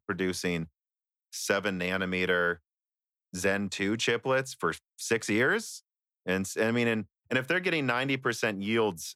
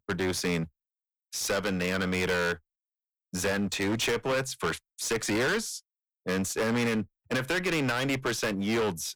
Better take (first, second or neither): first